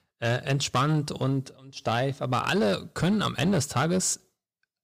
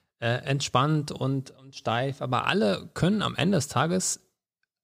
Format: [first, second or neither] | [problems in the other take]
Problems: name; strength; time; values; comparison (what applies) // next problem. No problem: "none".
second | distortion; slight; 7% of the sound clipped